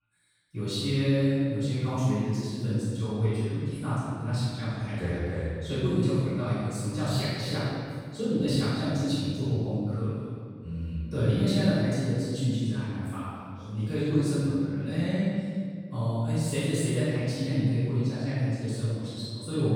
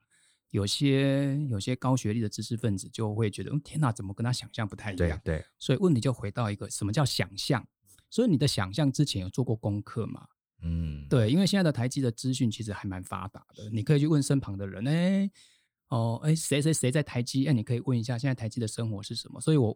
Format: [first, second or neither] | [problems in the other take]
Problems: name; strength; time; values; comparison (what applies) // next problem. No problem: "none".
second | off-mic speech; far // room echo; strong; dies away in 1.8 s